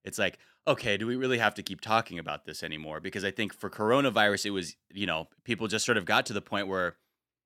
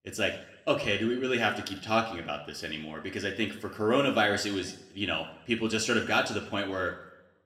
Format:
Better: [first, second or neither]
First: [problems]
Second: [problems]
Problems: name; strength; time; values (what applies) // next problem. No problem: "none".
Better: first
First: none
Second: room echo; slight; dies away in 0.6 s // off-mic speech; somewhat distant